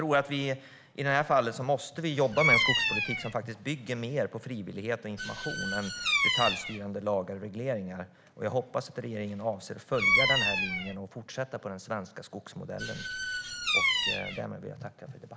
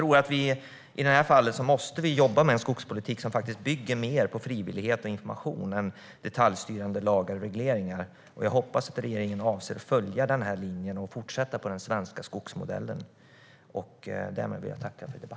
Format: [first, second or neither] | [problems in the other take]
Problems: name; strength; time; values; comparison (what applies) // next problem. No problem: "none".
second | background sound (Bird vocalization, bird call, bird song); as loud as the speech